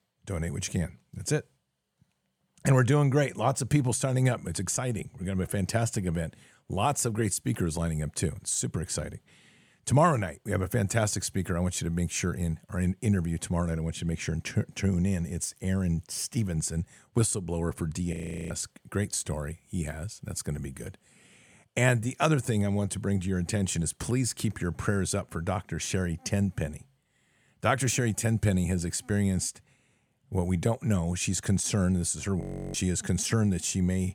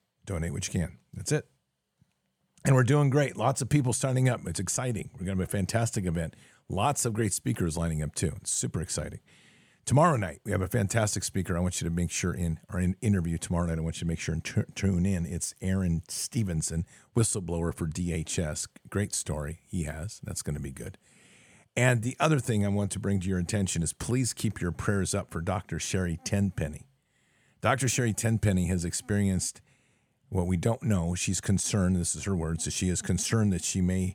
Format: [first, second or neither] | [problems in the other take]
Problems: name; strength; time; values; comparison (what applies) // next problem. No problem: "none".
second | audio freezing; at 18 s and at 32 s